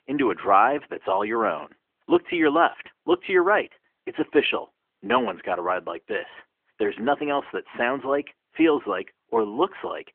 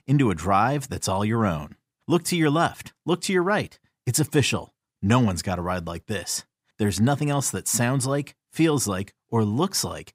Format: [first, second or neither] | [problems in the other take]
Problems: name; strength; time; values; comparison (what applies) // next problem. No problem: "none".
second | phone-call audio; nothing above 3 kHz